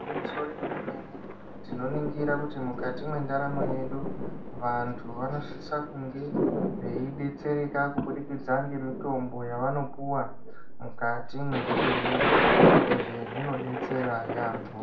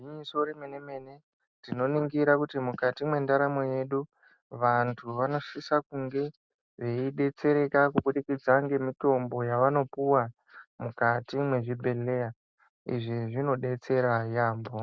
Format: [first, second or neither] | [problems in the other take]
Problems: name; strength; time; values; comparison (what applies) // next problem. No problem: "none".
second | background sound (Thunder); 3 dB above the speech // room echo; dies away in 0.4 s